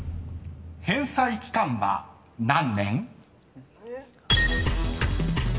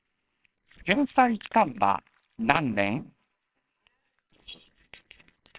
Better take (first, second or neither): first